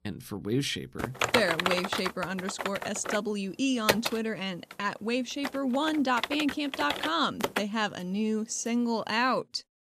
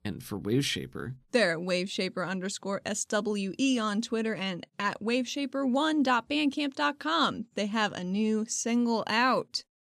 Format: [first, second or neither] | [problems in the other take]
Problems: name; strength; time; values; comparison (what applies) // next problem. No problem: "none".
second | keyboard typing; loud; from 1 to 7.5 s; peak 4 dB above the speech